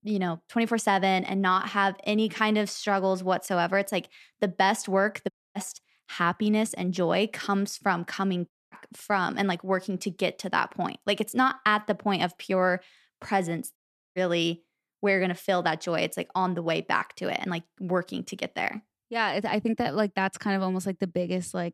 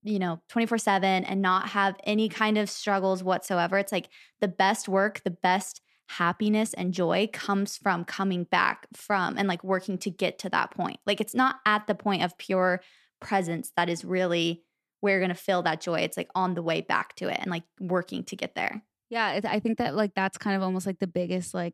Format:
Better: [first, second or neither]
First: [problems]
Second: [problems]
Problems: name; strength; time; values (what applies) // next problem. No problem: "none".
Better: second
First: audio cutting out; at 5.5 s, at 8.5 s and at 14 s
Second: none